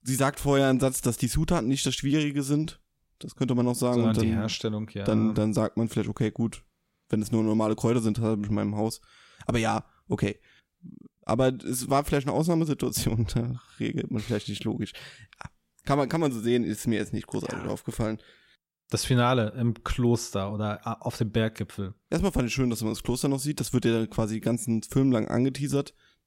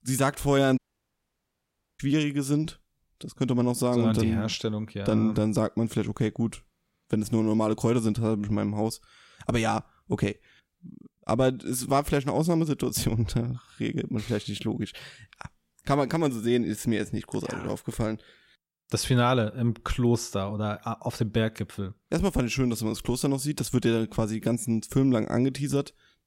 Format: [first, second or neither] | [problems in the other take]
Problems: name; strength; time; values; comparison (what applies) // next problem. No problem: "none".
first | audio cutting out; at 1 s for 1 s